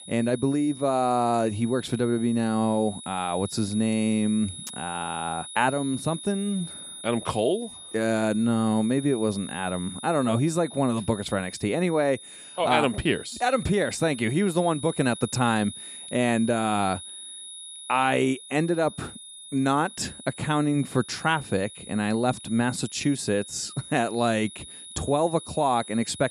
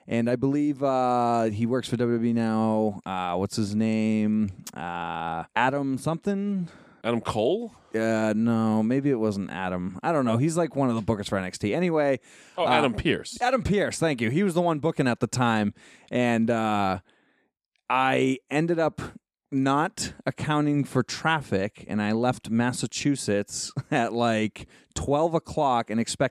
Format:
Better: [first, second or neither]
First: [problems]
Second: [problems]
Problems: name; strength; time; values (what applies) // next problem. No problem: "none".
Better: second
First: high-pitched whine; noticeable; throughout; 10 kHz, 15 dB below the speech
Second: none